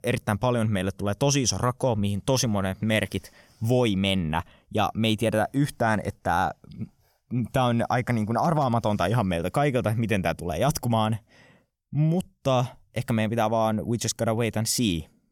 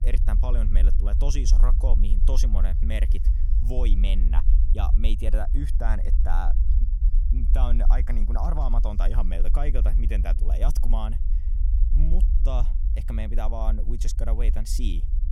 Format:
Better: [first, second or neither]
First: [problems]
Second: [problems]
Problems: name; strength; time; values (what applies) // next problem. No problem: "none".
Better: first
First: none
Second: low rumble; loud; throughout; 10 dB below the speech